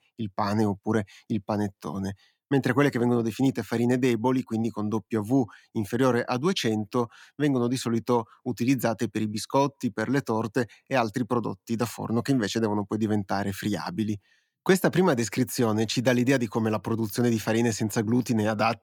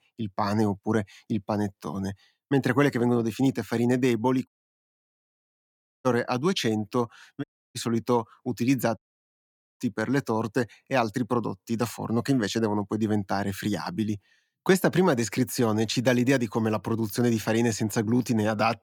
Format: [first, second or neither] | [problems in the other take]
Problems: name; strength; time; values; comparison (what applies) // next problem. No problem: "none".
first | audio cutting out; at 4.5 s for 1.5 s, at 7.5 s and at 9 s for 1 s